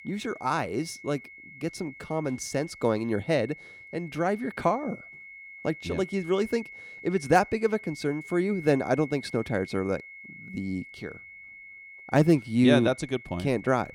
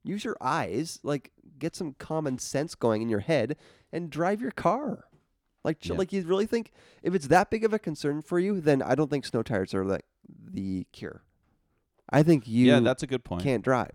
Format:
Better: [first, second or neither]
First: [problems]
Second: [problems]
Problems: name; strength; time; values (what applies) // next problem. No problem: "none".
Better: second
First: high-pitched whine; noticeable; throughout; 2 kHz, 15 dB below the speech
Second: none